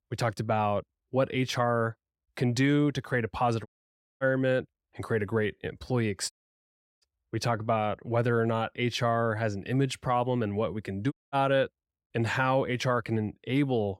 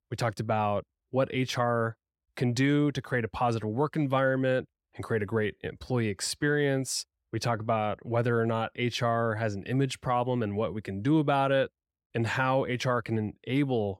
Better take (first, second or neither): second